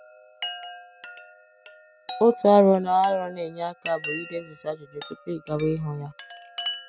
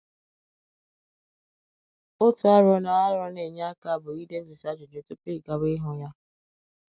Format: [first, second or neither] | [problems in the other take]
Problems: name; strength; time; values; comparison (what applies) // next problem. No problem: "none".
second | background sound (Chime); 14 dB below the speech